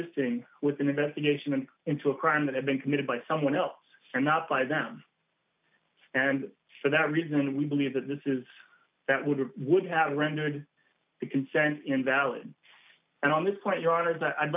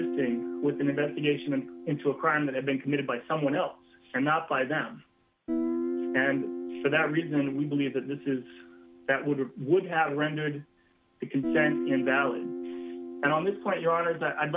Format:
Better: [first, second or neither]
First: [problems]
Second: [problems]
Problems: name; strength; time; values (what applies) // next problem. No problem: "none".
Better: first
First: none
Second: background sound (Guitar); 7 dB below the speech